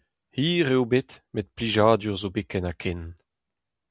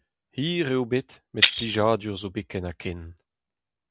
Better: first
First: none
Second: background sound (Shatter); 1 dB below the speech

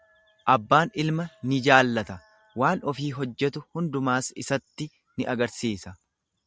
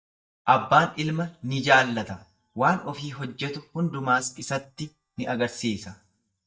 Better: first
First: none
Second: noise reduction (neural mask model DeepFilterNet 3)

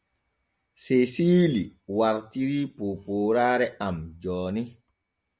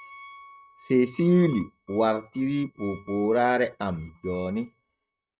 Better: first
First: none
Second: noise reduction (neural mask model RNNoise)

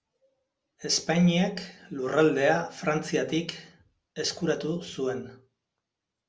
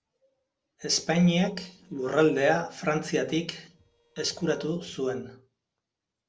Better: first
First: none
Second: noise reduction (neural separator model SepFormer DNS4)

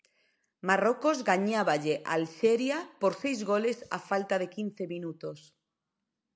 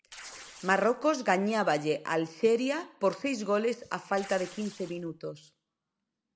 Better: first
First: none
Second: background sound (Tearing); 18 dB below the speech

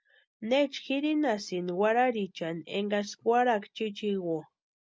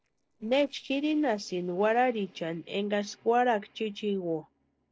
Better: first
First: none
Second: noise reduction (neural separator model SepFormer DNS4)

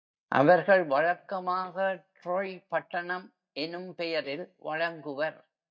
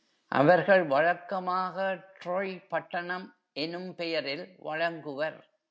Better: second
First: noise reduction (neural mask model DeepFilterNet 3)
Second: none

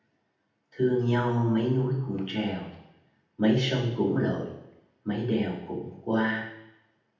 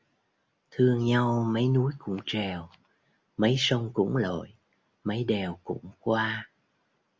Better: second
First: room echo; dies away in 0.8 s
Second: none

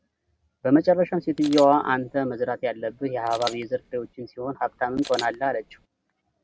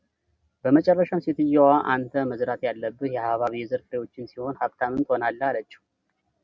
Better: second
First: background sound (Camera); 17 dB below the speech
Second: none

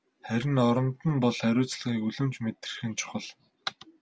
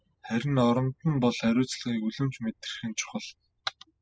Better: first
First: none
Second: noise reduction (classical method spectral subtraction)

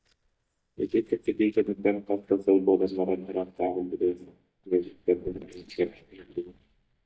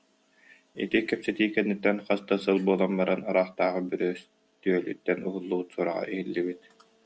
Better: second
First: noise reduction (neural mask model DeepFilterNet 3)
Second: none

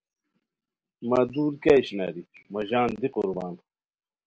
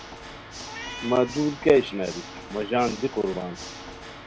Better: first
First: none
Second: background sound (Meow + Water / Mechanisms); 12 dB below the speech

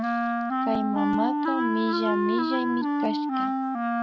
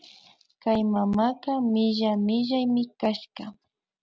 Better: second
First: background sound (Wind instrument, woodwind instrument); 4 dB above the speech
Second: none

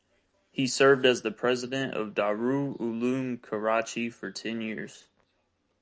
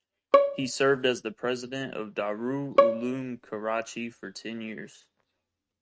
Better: first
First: none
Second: noise reduction (neural mask model RNNoise)

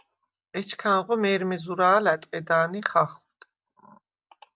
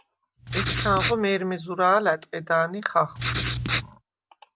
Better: first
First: none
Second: background sound (Writing); 2 dB below the speech

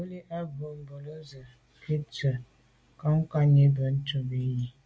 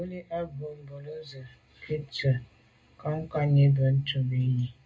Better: first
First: none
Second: room echo; dies away in 0.2 s

